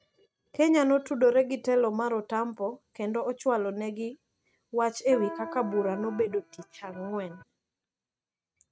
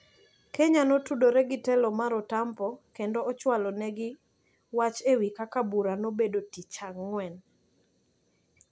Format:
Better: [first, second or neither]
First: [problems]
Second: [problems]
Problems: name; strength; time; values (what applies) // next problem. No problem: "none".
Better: second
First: noise reduction (neural mask model RNNoise)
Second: none